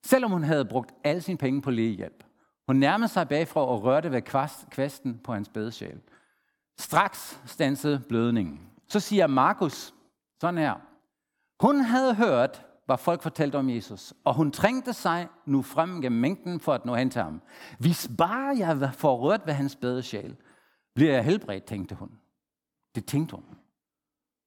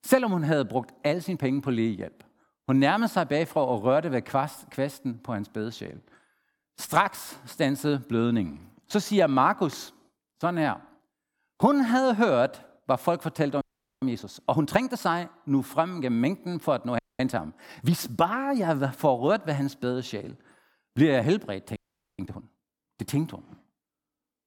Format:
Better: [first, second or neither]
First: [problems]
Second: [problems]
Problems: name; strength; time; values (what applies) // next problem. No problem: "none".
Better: first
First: none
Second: audio freezing; at 14 s, at 17 s and at 22 s